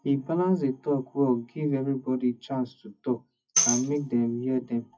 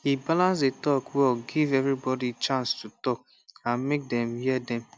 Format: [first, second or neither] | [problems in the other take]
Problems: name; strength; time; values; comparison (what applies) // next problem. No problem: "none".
second | noise reduction (classical method WPE with log-MMSE)